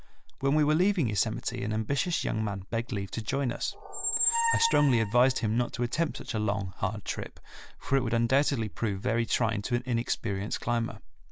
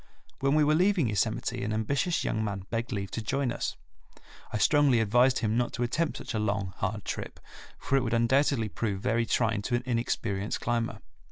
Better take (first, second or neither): second